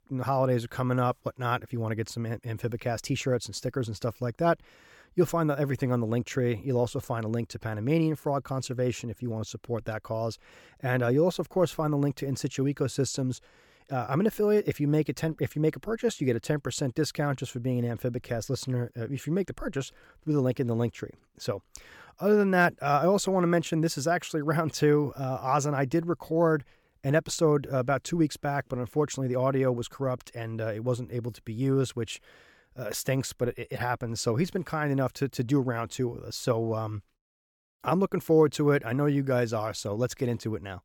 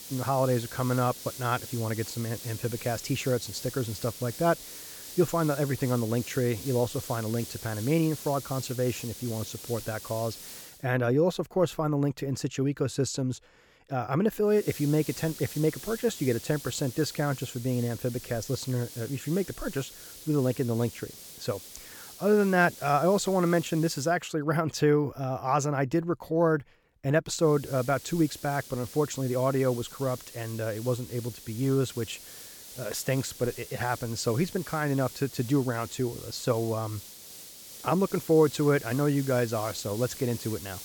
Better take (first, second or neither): first